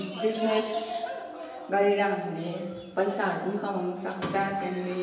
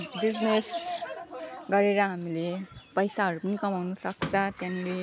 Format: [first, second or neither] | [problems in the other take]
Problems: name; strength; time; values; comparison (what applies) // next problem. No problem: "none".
second | room echo; dies away in 1 s